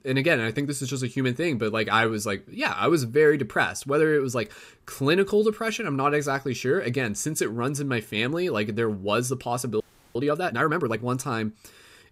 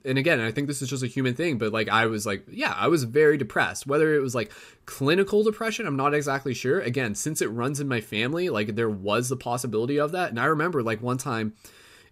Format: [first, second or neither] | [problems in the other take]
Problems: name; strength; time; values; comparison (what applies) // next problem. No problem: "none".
second | audio freezing; at 10 s